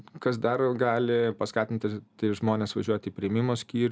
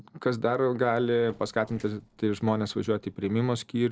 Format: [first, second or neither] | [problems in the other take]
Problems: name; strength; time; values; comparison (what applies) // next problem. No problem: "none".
first | noise reduction (neural separator model SepFormer DNS4)